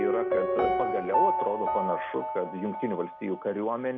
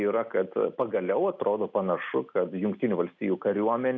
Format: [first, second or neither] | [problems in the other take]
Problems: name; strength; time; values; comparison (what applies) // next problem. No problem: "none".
second | background sound (Piano); 1 dB above the speech